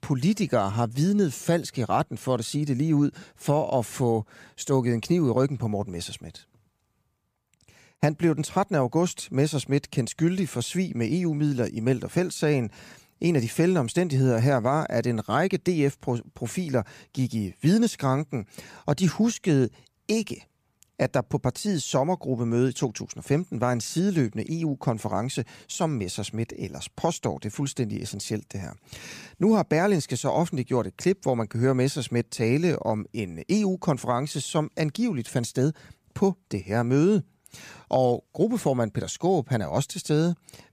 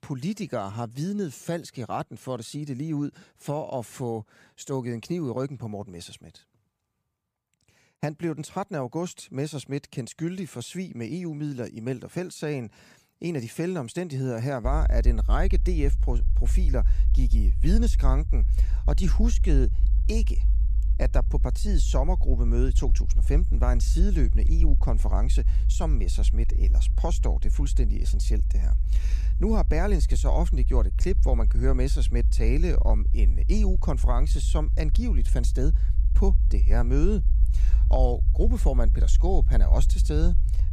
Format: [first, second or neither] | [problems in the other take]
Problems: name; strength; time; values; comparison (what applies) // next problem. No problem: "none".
first | low rumble; noticeable; from 15 s on; 15 dB below the speech